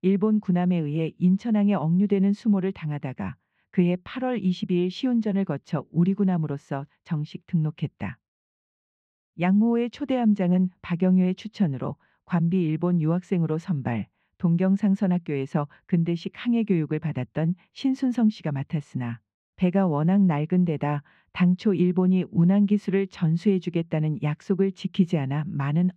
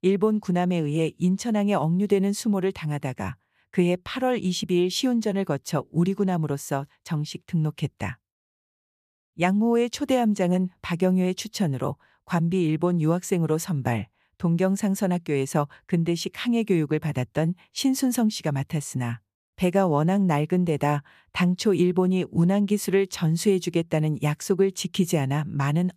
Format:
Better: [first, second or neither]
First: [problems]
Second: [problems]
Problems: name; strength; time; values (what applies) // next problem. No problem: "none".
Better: second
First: muffled; slightly; fading above 2.5 kHz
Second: none